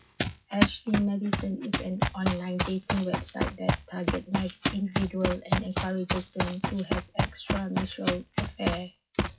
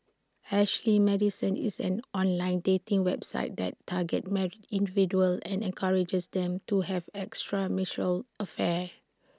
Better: second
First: noise reduction (classical method WPE with log-MMSE)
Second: none

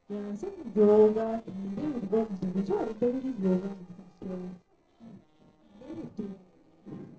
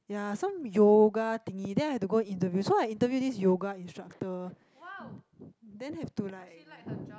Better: second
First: noise reduction (neural separator model SepFormer DNS4)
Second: none

